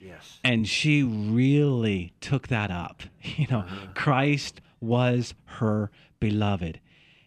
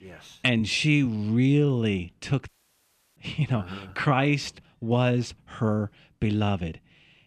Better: first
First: none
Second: audio cutting out; at 2.5 s for 0.5 s

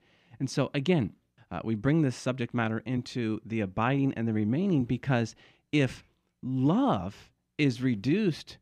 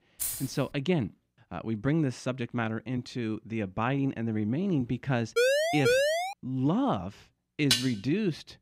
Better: first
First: none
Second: jangling keys; noticeable; at the start; peak 2 dB below the speech // siren; loud; at 5.5 s; peak 6 dB above the speech // clattering dishes; loud; at 7.5 s; peak 4 dB above the speech

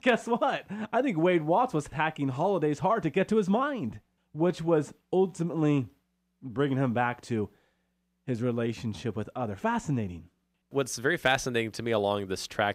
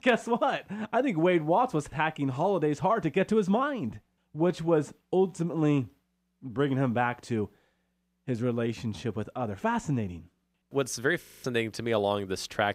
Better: first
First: none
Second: audio freezing; at 11 s

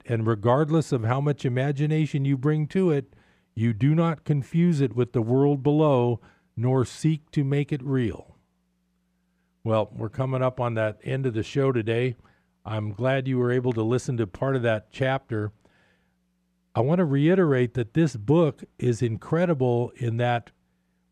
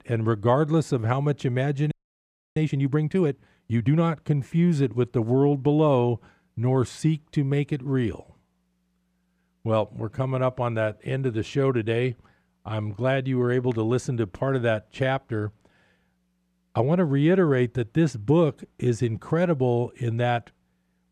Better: first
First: none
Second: audio freezing; at 2 s for 0.5 s

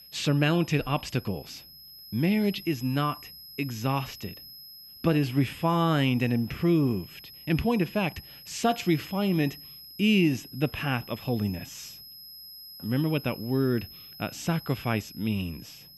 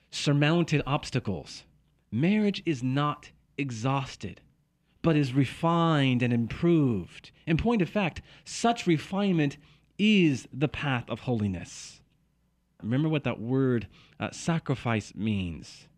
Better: second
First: high-pitched whine; noticeable; throughout; 5 kHz, 15 dB below the speech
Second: none

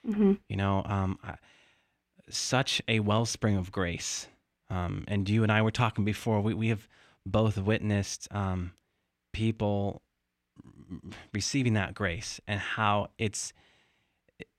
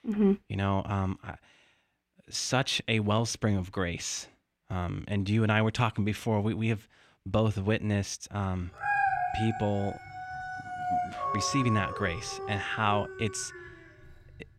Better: first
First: none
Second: dog barking; loud; from 9 to 14 s; peak 3 dB above the speech

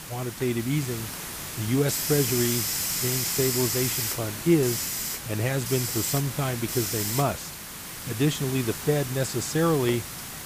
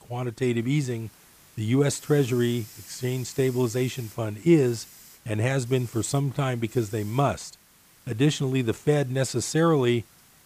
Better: second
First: hiss; loud; throughout; 2 dB below the speech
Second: hiss; faint; throughout; 20 dB below the speech

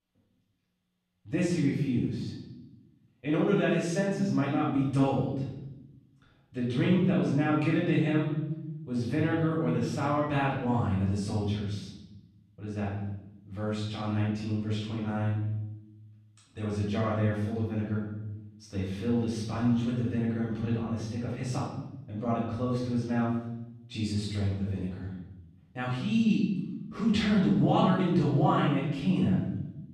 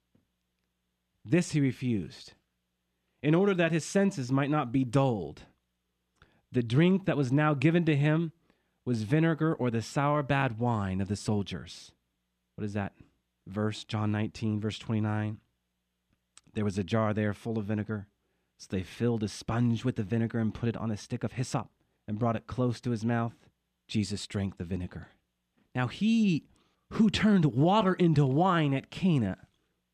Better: second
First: room echo; noticeable; dies away in 1 s // off-mic speech; far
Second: none

